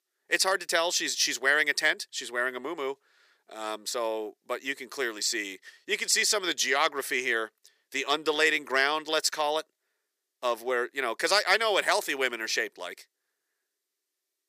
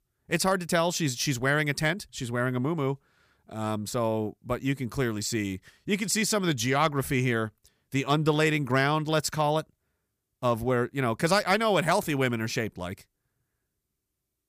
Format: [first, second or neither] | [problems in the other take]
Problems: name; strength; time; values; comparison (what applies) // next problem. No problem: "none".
second | thin; very; fading below 400 Hz